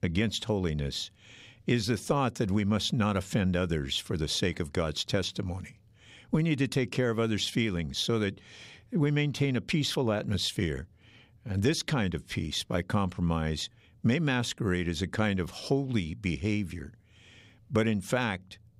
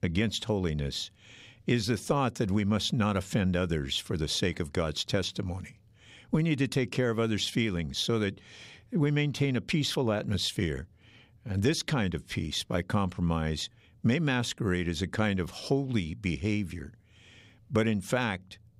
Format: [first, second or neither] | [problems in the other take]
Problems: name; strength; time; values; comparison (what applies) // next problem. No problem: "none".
neither | none